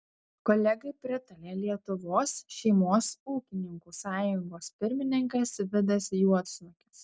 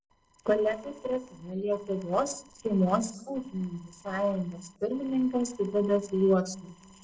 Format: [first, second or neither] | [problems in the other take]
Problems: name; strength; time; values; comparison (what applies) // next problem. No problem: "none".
first | noise reduction (neural separator model SepFormer DNS4)